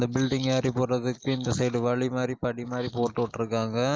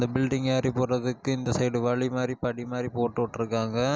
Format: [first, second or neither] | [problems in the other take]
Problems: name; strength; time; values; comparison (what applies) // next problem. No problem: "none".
second | noise reduction (neural mask model Resemble Enhance denoiser)